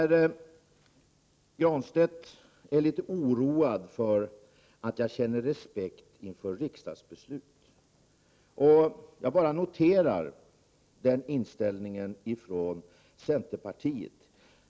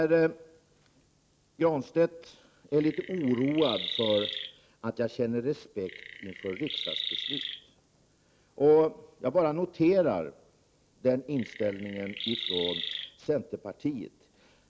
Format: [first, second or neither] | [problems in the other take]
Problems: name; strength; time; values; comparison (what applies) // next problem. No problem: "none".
first | background sound (Chirp, tweet); 7 dB below the speech